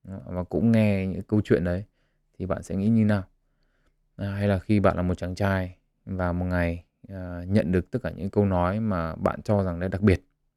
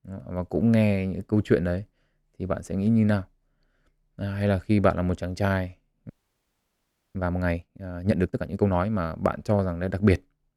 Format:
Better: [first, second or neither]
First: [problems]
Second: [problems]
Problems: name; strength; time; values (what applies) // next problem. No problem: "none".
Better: first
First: none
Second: audio freezing; at 6 s for 1 s